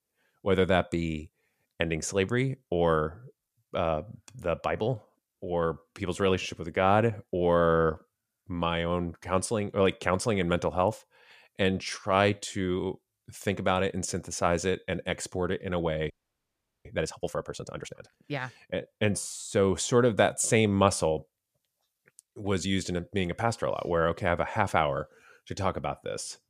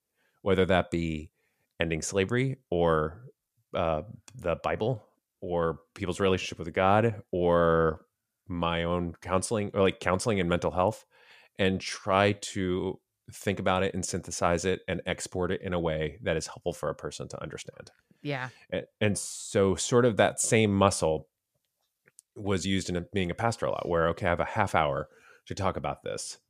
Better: second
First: audio freezing; at 16 s for 1 s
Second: none

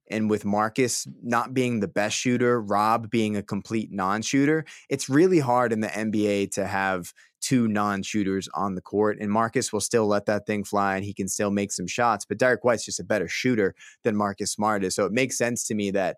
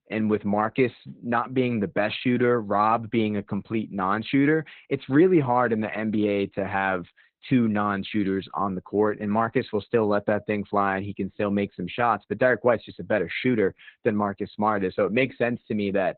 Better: first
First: none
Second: garbled, watery; badly; nothing above 4 kHz

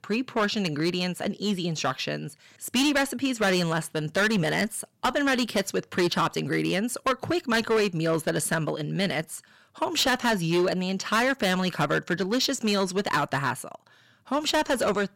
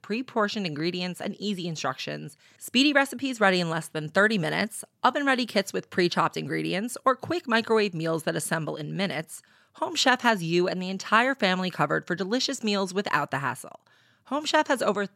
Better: second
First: distortion; heavy; 9% of the sound clipped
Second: none

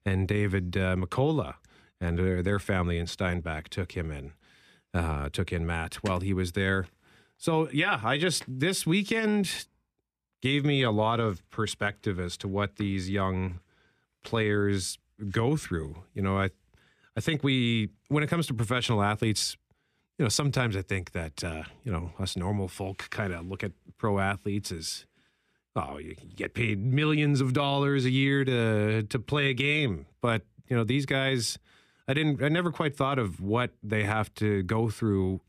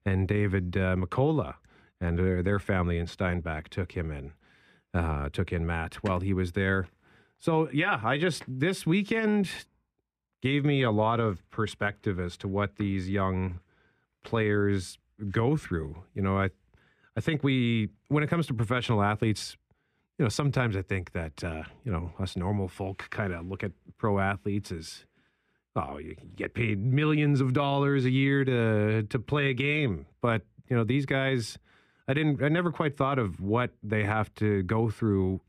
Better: first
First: none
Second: muffled; slightly; fading above 3 kHz

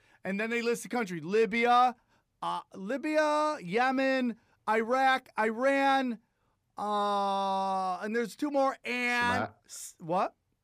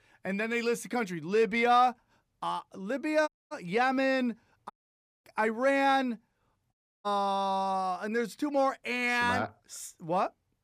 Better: first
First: none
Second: audio cutting out; at 3.5 s, at 4.5 s for 0.5 s and at 6.5 s

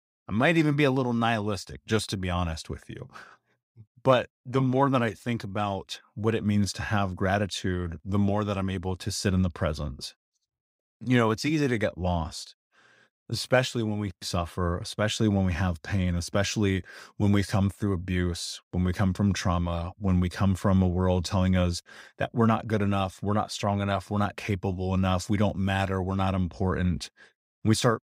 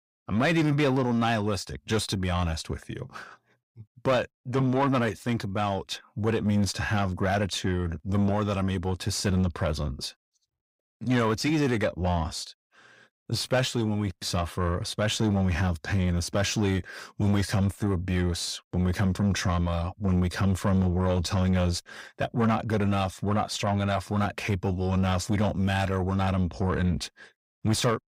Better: first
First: none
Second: distortion; slight; 10 dB below the speech

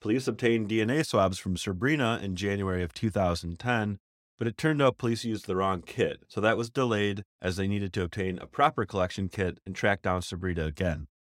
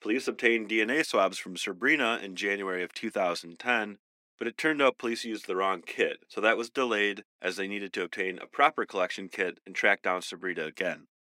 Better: first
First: none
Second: thin; somewhat; fading below 250 Hz

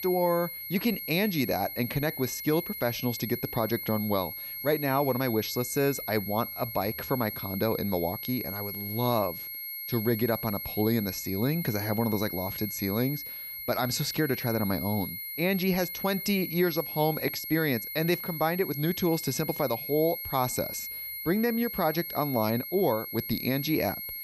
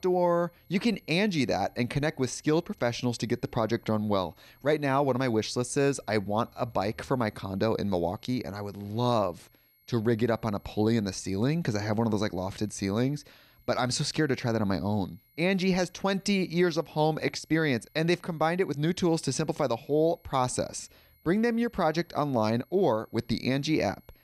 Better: second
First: high-pitched whine; loud; throughout; 11.5 kHz, 6 dB below the speech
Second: high-pitched whine; faint; throughout; 11.5 kHz, 35 dB below the speech

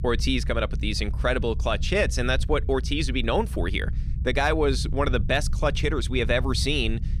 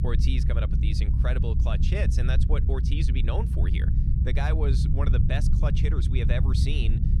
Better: first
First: low rumble; faint; throughout; 20 dB below the speech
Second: low rumble; loud; throughout; 4 dB below the speech

